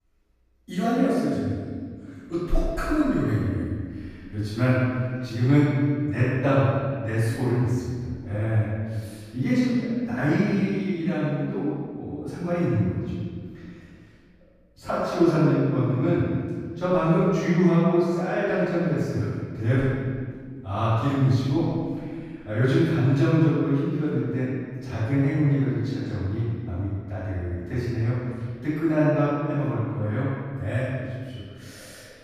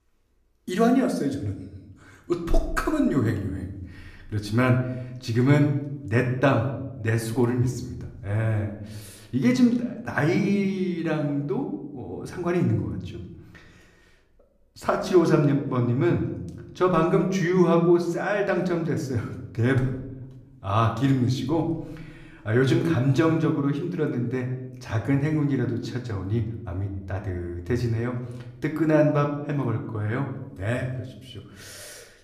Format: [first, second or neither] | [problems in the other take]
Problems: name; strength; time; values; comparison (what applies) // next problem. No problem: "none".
second | room echo; strong; dies away in 1.8 s; slight in the second // off-mic speech; far; somewhat distant in the second